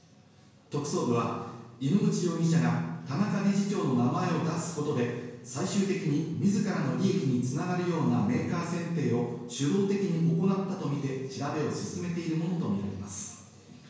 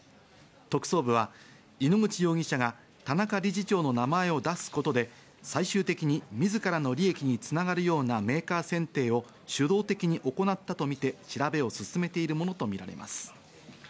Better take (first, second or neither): second